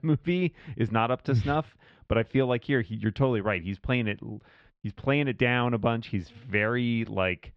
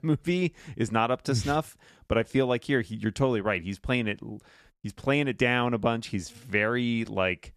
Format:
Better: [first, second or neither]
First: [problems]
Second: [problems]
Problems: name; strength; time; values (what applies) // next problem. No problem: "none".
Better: second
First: muffled; slightly; fading above 3.5 kHz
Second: none